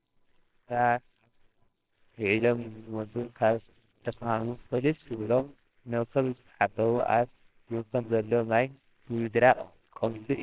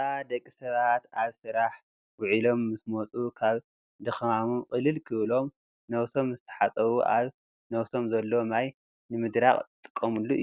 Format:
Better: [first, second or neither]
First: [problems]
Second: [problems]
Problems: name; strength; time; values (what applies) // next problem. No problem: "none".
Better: second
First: noise reduction (neural separator model SepFormer WHAMR!)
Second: none